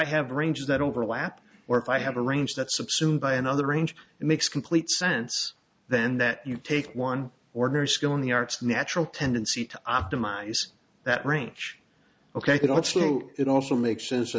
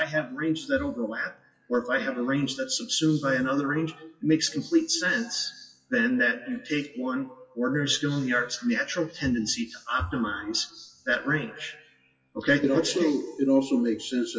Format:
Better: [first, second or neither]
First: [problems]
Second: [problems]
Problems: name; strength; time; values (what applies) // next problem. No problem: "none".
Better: first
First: none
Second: noise reduction (classical method WPE with log-MMSE)